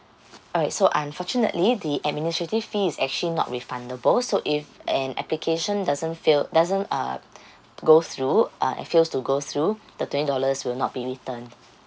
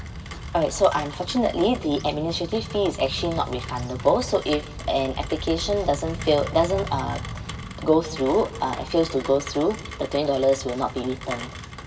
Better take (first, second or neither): first